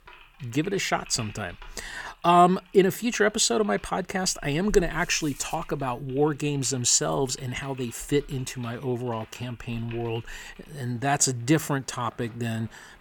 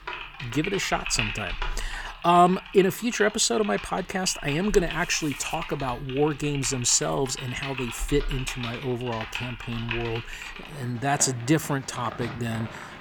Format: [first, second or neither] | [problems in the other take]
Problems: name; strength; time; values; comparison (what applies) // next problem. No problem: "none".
first | household noises; loud; throughout; 10 dB below the speech; faint in the first